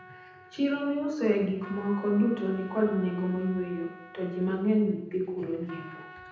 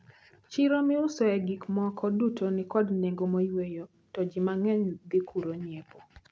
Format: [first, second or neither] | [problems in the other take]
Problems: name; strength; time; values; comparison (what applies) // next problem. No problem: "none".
second | background sound (Trumpet); 20 dB below the speech // room echo; dies away in 0.8 s